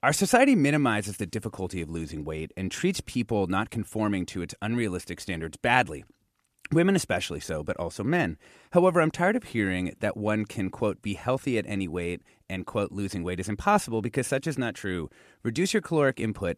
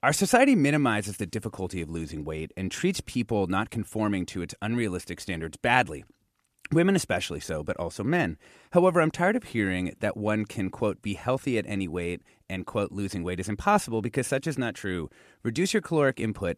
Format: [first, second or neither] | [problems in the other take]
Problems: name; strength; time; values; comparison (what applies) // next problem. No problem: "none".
neither | none